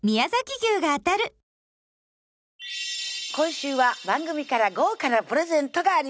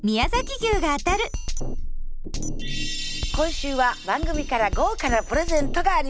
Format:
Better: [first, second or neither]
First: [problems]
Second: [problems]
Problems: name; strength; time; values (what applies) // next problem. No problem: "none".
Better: first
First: none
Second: background sound (Drum kit); 1 dB below the speech